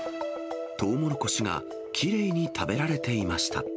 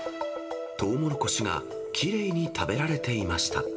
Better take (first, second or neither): first